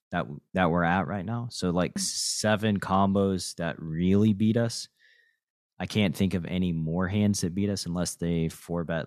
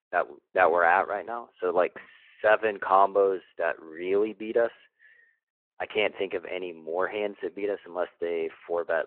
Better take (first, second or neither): first